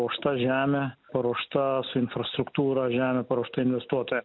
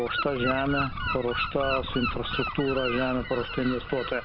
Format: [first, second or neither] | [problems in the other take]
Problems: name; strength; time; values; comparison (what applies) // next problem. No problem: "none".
first | background sound (Gull, seagull); 4 dB below the speech